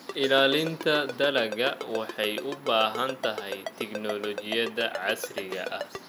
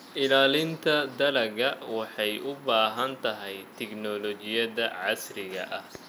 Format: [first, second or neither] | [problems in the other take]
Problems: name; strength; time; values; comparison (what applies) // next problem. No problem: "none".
second | background sound (Ringtone); 10 dB below the speech